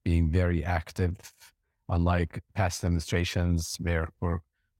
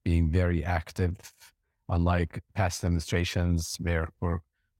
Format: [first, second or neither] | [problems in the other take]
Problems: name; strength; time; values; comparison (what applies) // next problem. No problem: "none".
neither | none